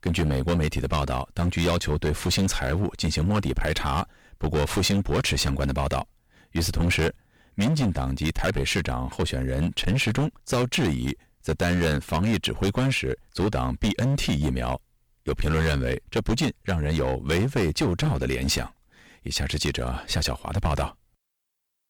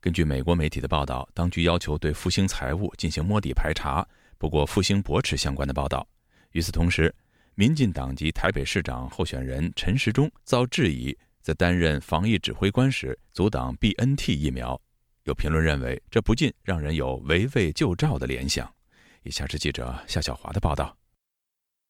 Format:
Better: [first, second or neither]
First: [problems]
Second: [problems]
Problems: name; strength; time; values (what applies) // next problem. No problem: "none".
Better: second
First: distortion; heavy; 14% of the sound clipped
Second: none